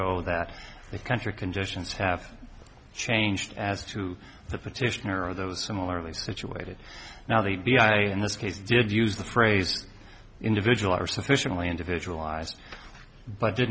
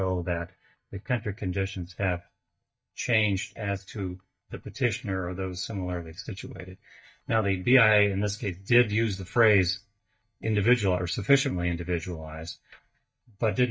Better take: first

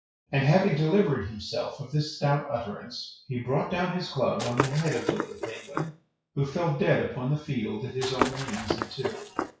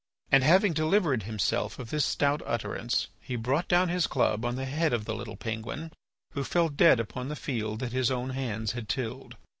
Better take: second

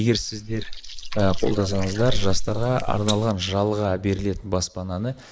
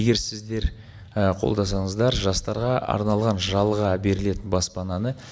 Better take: second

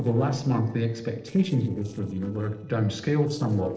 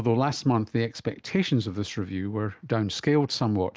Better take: second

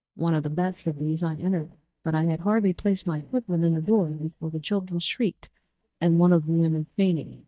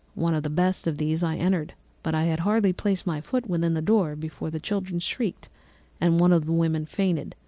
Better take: second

